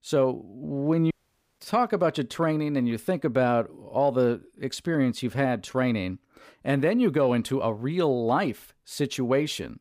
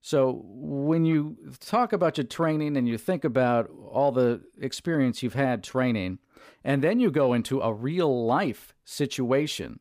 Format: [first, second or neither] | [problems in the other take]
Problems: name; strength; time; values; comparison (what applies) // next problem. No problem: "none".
second | audio cutting out; at 1 s